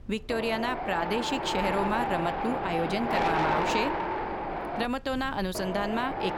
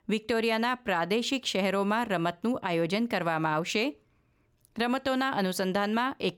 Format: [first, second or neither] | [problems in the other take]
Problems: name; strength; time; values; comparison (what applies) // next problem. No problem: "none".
second | wind noise on the microphone; heavy; 1 dB above the speech